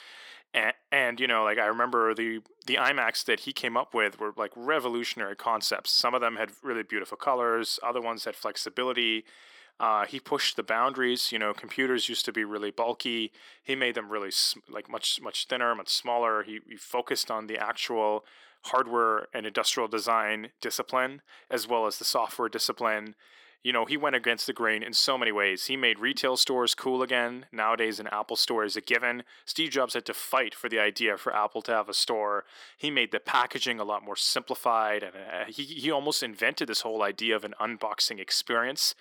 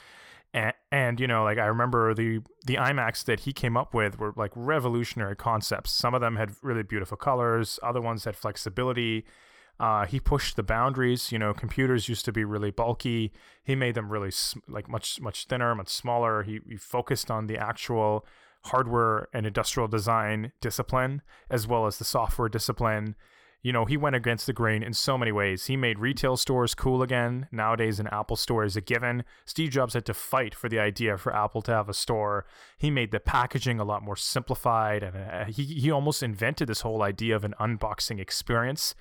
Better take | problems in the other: second | thin; somewhat; fading below 250 Hz

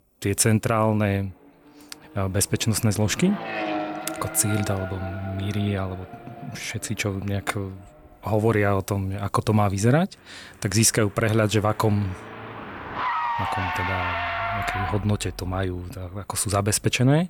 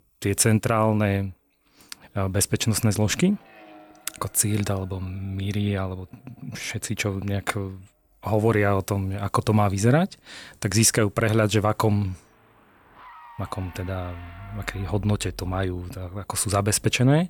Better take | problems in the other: second | traffic noise; loud; throughout; 6 dB below the speech; faint in the second

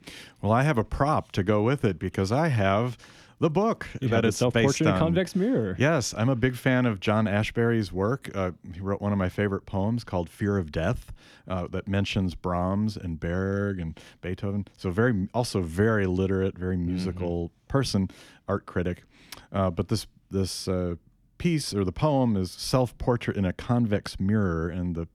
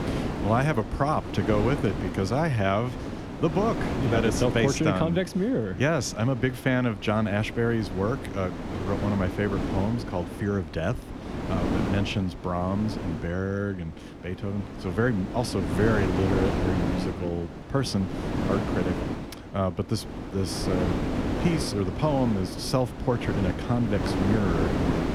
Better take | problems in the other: first | wind noise on the microphone; heavy; 5 dB below the speech

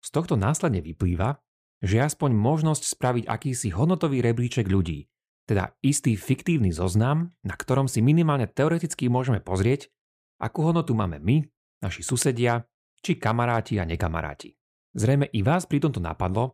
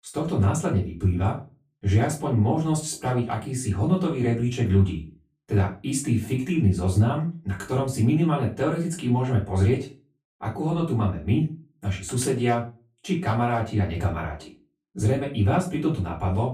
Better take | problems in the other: first | off-mic speech; far // room echo; slight; dies away in 0.3 s

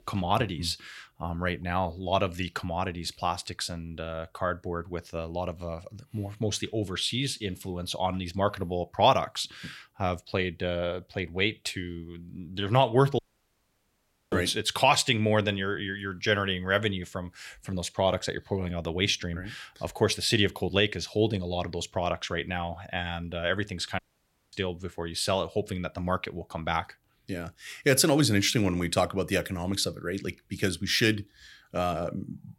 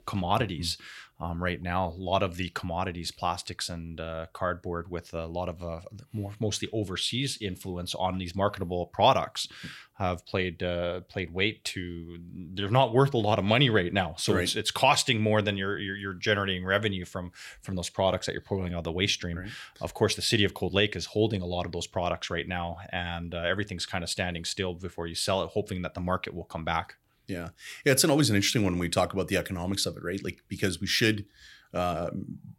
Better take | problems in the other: second | audio cutting out; at 13 s for 1 s and at 24 s for 0.5 s

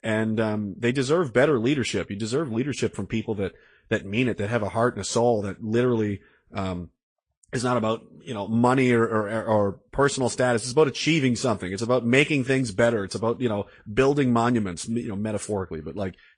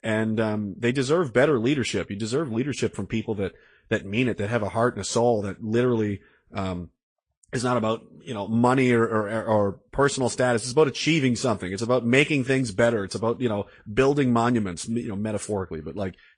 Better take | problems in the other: neither | garbled, watery; slightly; nothing above 9 kHz; the same in both

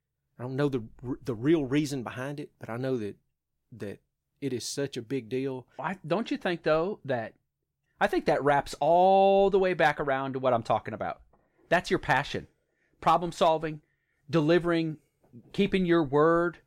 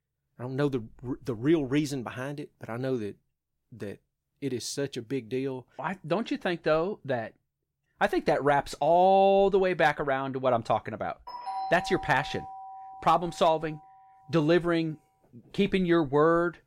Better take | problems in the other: first | doorbell; noticeable; from 11 to 14 s; peak 7 dB below the speech

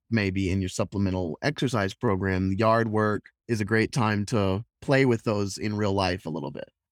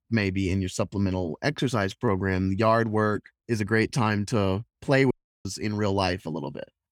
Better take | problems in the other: first | audio cutting out; at 5 s

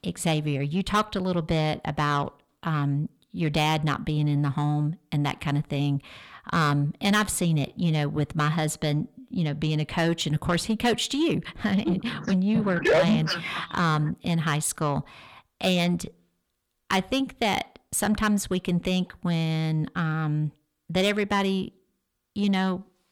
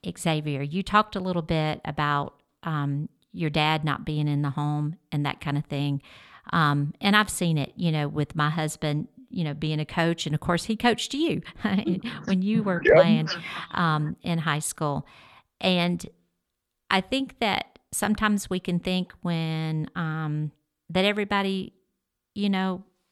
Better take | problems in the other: second | distortion; slight; 10 dB below the speech

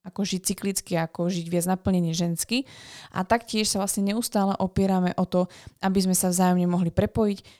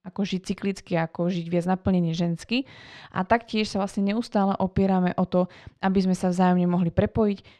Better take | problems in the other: first | muffled; slightly; fading above 3 kHz

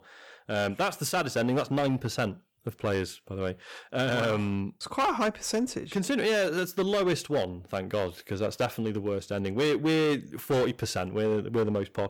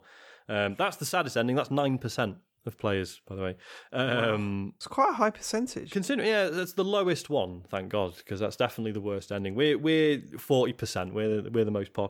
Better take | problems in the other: second | distortion; slight; 9% of the sound clipped

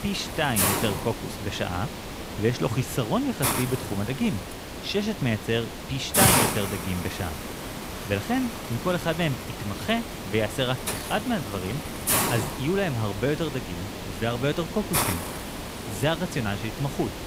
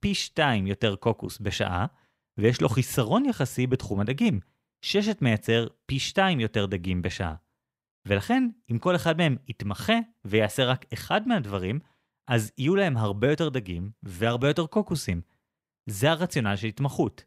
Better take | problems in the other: second | hiss; loud; throughout; 1 dB below the speech

